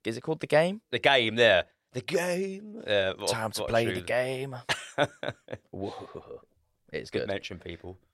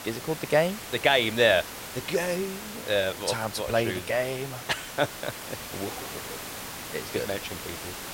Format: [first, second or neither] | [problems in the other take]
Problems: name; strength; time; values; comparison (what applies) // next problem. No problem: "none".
first | hiss; loud; throughout; 10 dB below the speech